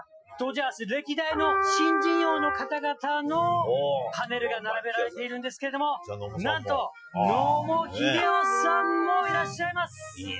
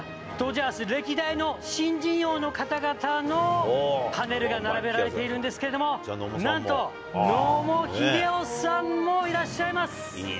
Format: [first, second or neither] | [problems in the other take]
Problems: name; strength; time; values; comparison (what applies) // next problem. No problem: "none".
second | noise reduction (classical method Wiener filter)